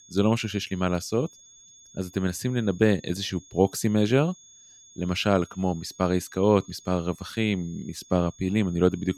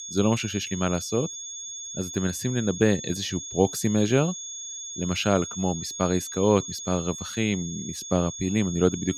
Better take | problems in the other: first | high-pitched whine; loud; throughout; 6.5 kHz, 8 dB below the speech; faint in the first

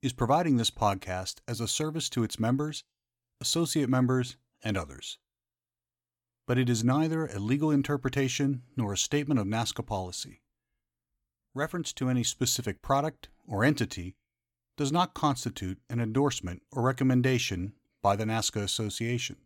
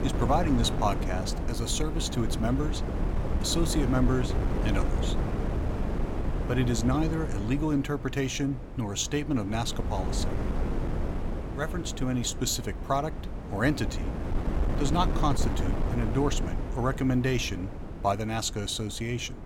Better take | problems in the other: first | wind noise on the microphone; heavy; 7 dB below the speech

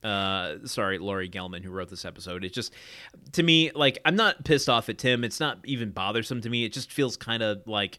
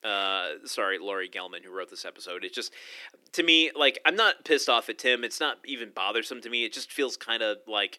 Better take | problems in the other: first | thin; somewhat; fading below 300 Hz

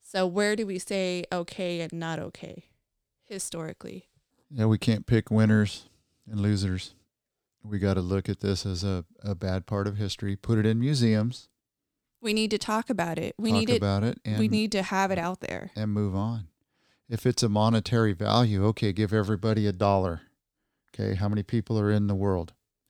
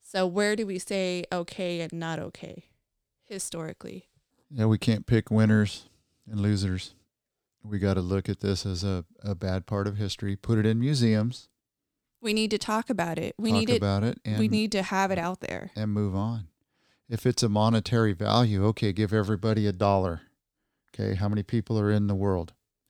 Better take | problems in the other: neither | none

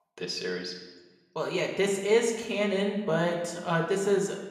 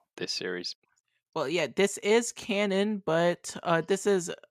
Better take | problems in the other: second | room echo; slight; dies away in 1 s // off-mic speech; somewhat distant

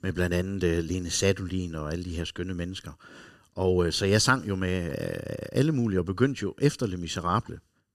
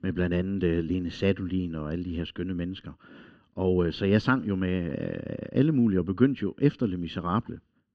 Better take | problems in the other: first | muffled; slightly; fading above 3 kHz

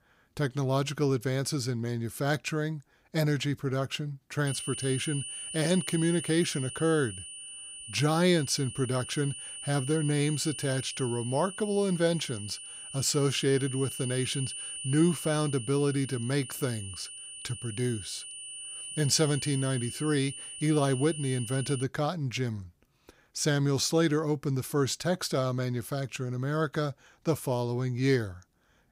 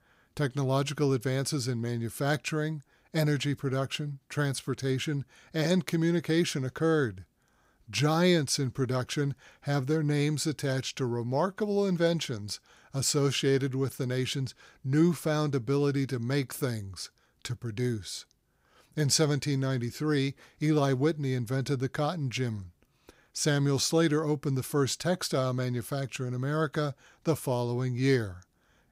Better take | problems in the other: second | high-pitched whine; loud; from 4.5 to 22 s; 9.5 kHz, 9 dB below the speech

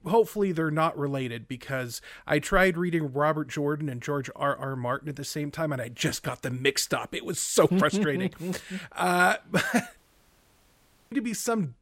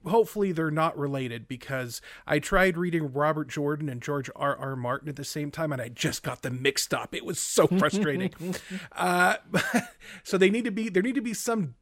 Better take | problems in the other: second | audio cutting out; at 10 s for 1 s

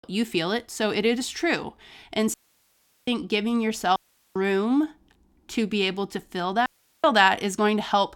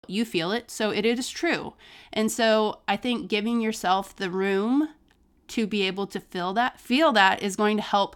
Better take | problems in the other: second | audio cutting out; at 2.5 s for 0.5 s, at 4 s and at 6.5 s

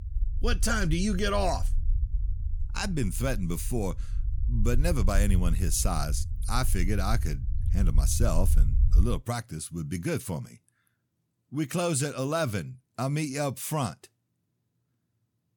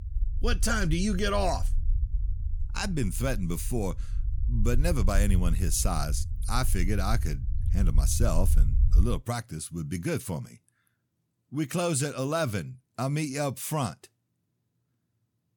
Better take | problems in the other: neither | low rumble; noticeable; until 9 s; 20 dB below the speech; the same in both

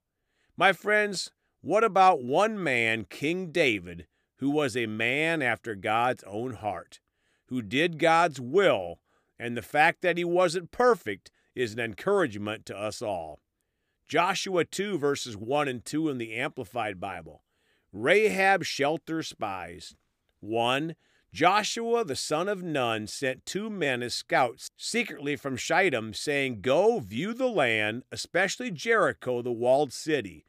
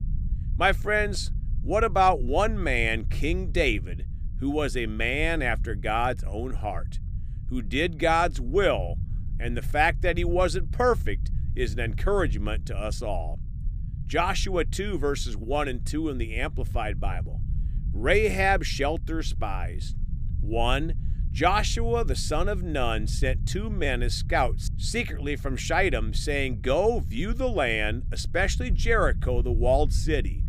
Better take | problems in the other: first | low rumble; faint; throughout; 25 dB below the speech

